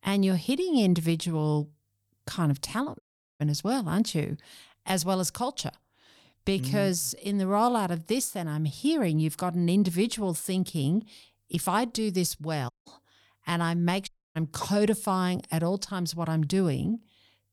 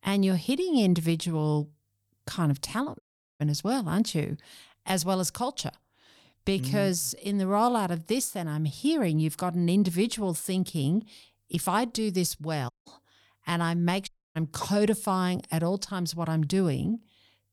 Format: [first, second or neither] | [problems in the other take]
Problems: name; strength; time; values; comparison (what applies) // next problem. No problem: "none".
neither | audio cutting out; at 3 s, at 13 s and at 14 s; the same in both